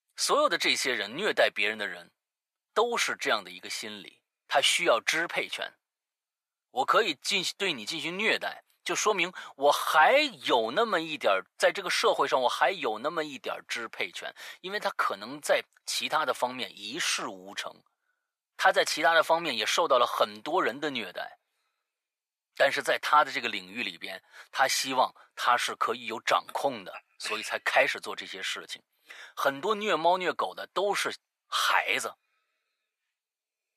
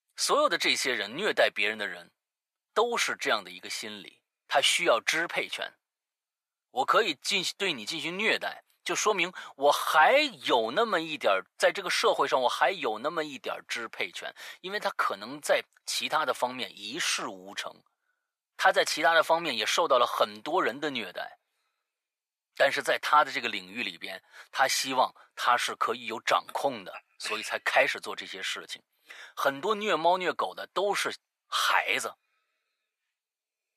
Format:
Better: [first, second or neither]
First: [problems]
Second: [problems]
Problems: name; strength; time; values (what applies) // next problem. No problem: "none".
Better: neither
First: thin; very; fading below 700 Hz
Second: thin; very; fading below 700 Hz